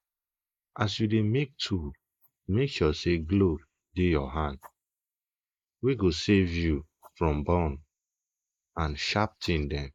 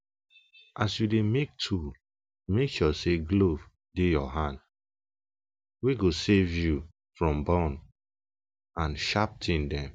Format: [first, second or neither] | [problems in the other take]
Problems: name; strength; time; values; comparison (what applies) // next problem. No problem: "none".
second | noise reduction (neural mask model Resemble Enhance denoiser)